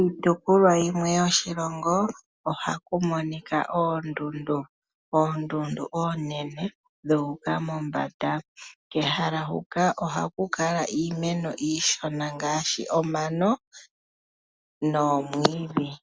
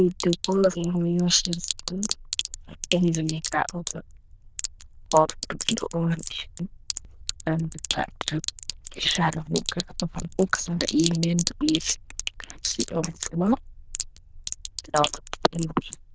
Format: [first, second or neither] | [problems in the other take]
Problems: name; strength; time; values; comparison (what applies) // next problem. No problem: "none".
first | noise reduction (neural diffusion model UNIVERSE++)